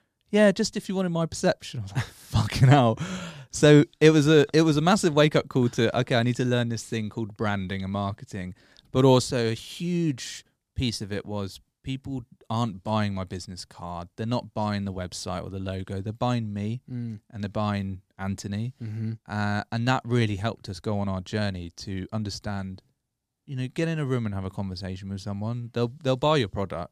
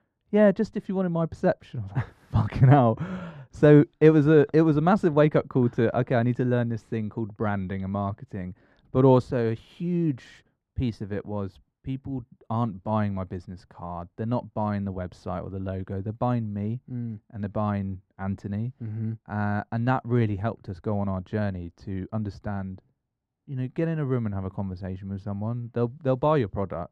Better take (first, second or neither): first